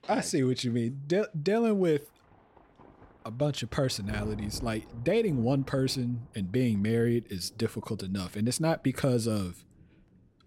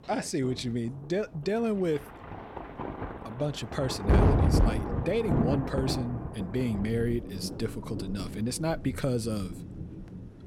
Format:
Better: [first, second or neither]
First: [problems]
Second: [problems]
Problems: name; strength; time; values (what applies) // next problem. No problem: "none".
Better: first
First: rain or running water; faint; throughout; 20 dB below the speech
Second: rain or running water; loud; throughout; as loud as the speech